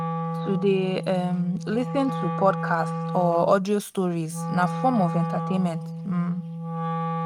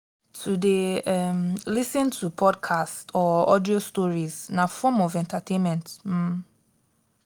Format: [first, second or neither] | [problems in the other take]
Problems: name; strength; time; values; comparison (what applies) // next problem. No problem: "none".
second | noise reduction (neural mask model RNNoise)